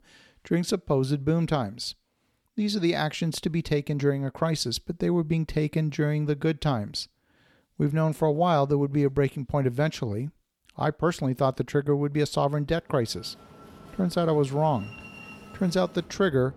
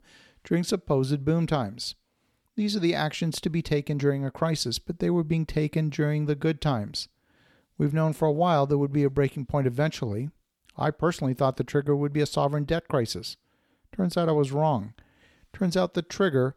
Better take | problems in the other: second | train or aircraft noise; faint; from 13 s on; 20 dB below the speech

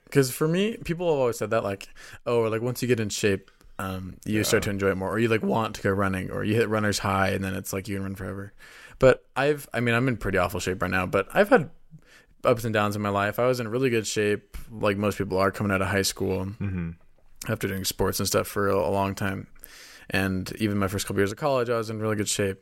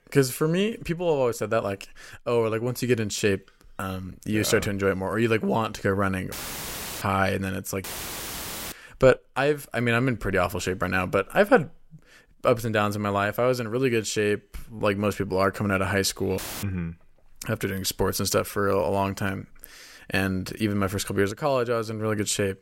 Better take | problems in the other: first | audio cutting out; filled with static; at 6.5 s for 0.5 s, at 8 s for 1 s and at 16 s

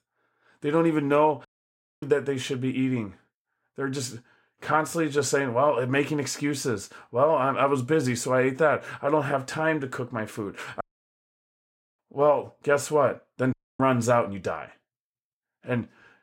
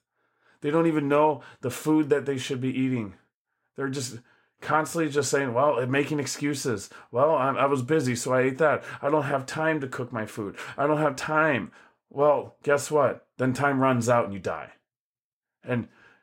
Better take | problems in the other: second | audio cutting out; at 1.5 s for 0.5 s, at 11 s for 1 s and at 14 s

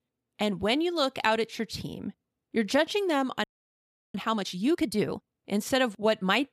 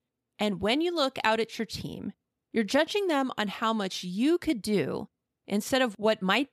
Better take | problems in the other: second | audio freezing; at 3.5 s for 0.5 s

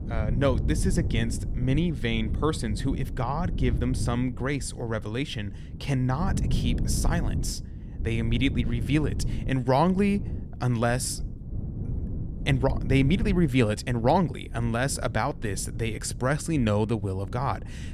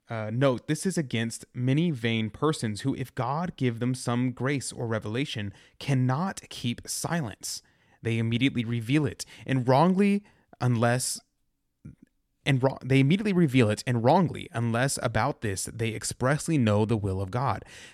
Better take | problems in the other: second | wind noise on the microphone; occasional gusts; 15 dB below the speech

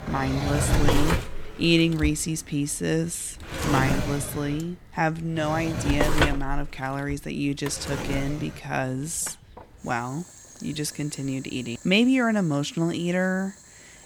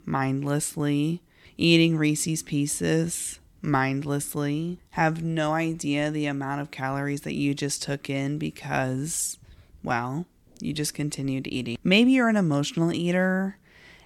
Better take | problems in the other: second | household noises; loud; throughout; 3 dB below the speech

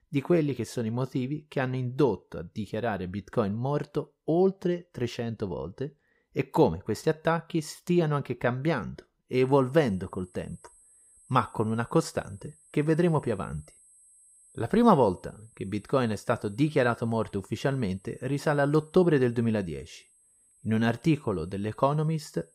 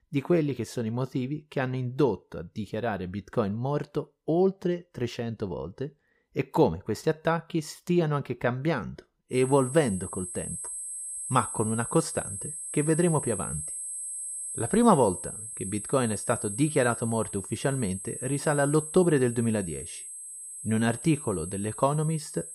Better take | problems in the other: first | high-pitched whine; loud; from 9.5 s on; 8.5 kHz, 7 dB below the speech; faint in the first

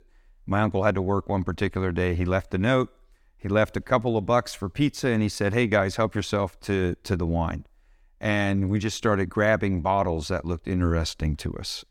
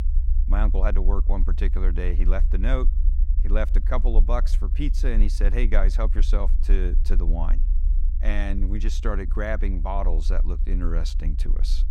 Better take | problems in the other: first | low rumble; noticeable; throughout; 15 dB below the speech

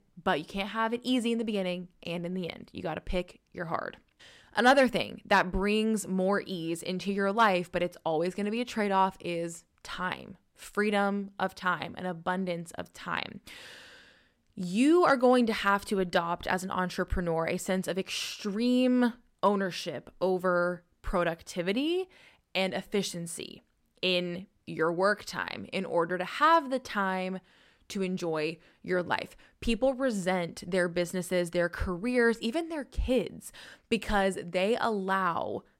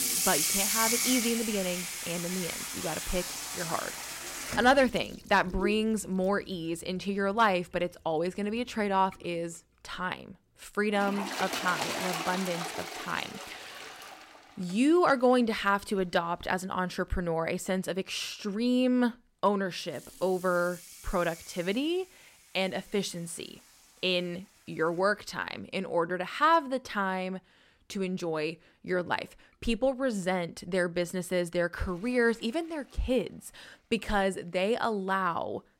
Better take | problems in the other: first | household noises; loud; throughout; 3 dB below the speech

